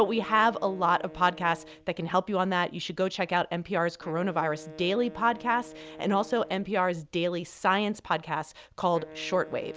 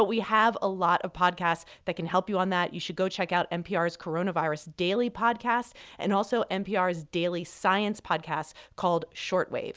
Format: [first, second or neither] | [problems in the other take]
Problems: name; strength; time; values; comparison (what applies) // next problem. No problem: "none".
second | background sound (Wind instrument, woodwind instrument); 20 dB below the speech